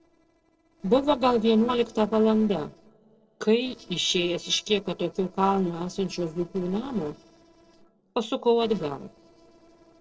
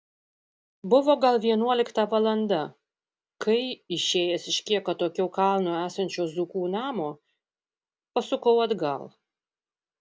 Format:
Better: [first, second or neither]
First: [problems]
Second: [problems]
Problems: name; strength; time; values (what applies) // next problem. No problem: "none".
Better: second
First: noise reduction (neural separator model SepFormer DNS4)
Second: none